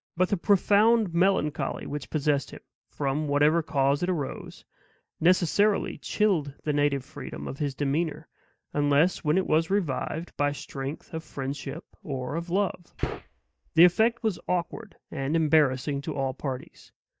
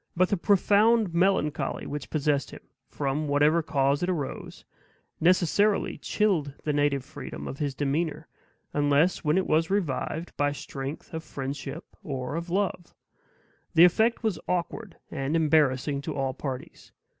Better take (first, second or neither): second